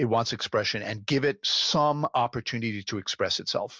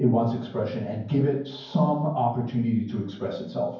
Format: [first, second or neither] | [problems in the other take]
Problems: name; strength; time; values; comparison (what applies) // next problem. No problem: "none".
first | room echo; dies away in 0.9 s